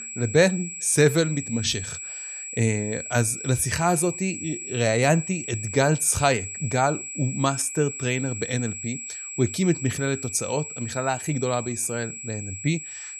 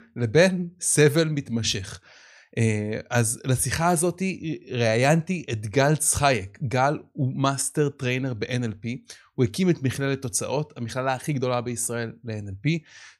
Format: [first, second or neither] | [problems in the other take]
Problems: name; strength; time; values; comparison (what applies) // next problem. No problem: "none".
second | high-pitched whine; loud; throughout; 7.5 kHz, 8 dB below the speech